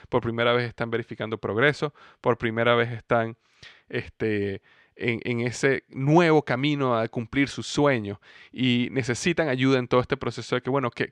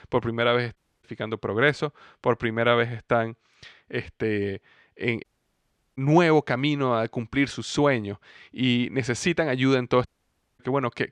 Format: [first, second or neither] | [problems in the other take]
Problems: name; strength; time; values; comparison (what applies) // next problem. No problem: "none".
first | audio cutting out; at 1 s, at 5 s for 0.5 s and at 10 s for 0.5 s